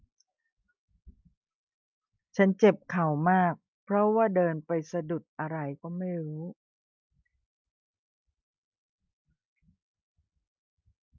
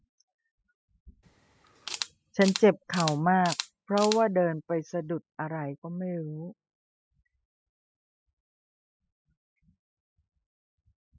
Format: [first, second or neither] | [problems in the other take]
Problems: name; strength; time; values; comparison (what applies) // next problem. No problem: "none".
first | noise reduction (classical method spectral subtraction)